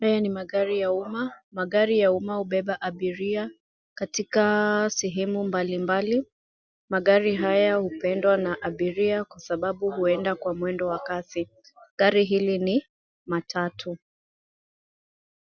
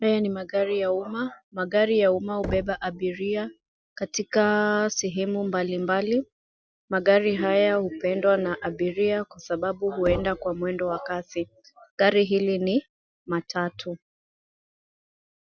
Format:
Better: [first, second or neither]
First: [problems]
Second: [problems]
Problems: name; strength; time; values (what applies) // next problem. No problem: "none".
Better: first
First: none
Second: background sound (Knock); 15 dB below the speech